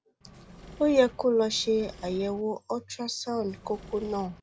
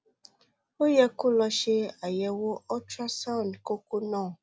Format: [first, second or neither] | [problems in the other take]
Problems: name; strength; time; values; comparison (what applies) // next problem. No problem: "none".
second | background sound (Engine / Mechanisms); 19 dB below the speech